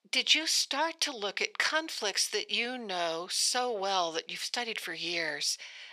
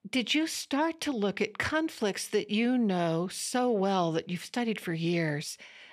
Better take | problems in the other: second | thin; very; fading below 650 Hz

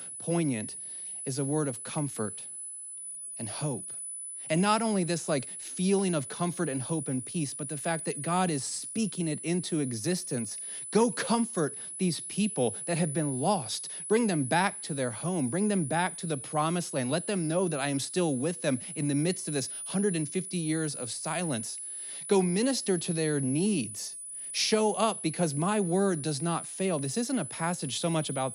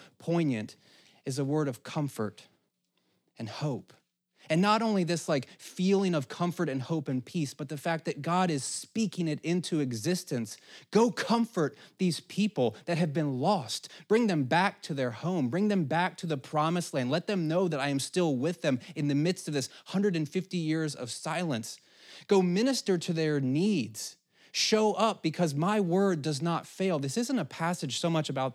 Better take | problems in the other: second | high-pitched whine; loud; throughout; 10 kHz, 7 dB below the speech

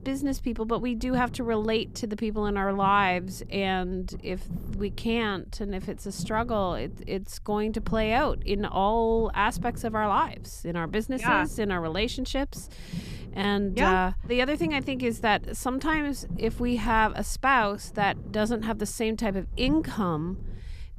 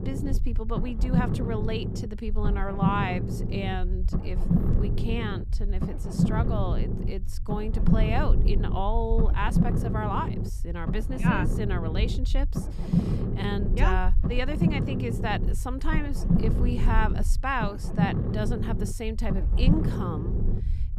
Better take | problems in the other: first | low rumble; loud; throughout; 5 dB below the speech; faint in the first

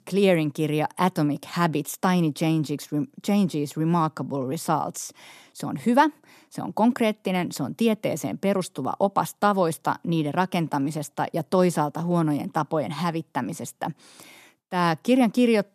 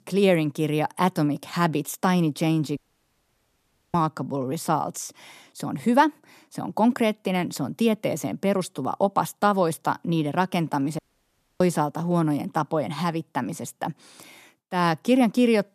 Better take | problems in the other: first | audio cutting out; at 3 s for 1 s and at 11 s for 0.5 s

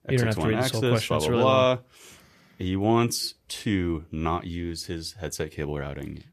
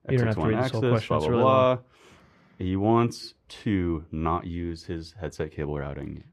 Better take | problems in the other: first | muffled; slightly; fading above 1.5 kHz

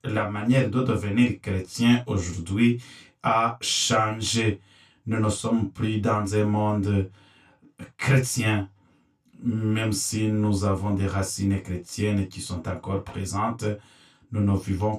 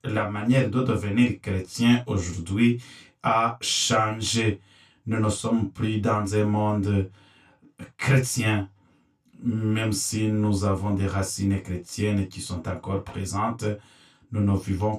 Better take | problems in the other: neither | room echo; slight; dies away in 0.2 s; the same in both // off-mic speech; far; the same in both

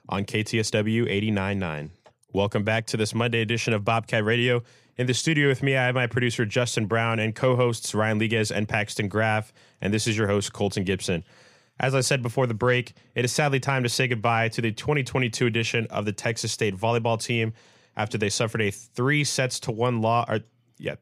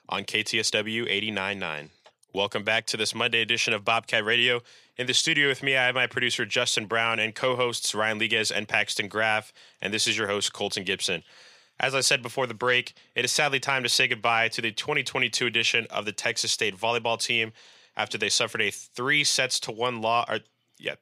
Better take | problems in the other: first | thin; somewhat; fading below 700 Hz

